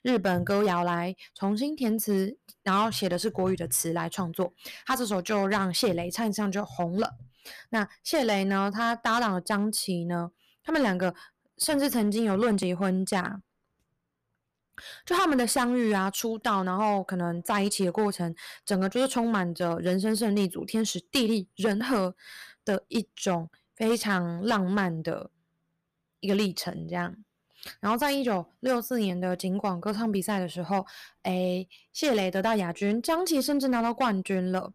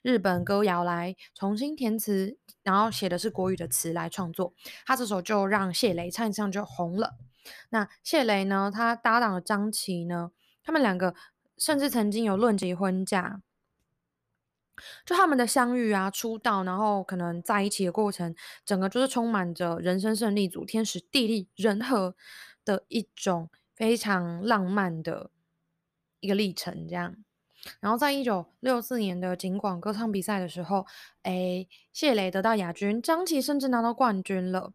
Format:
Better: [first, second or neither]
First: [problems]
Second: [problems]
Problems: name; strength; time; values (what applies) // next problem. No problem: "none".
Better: second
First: distortion; slight; 4% of the sound clipped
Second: none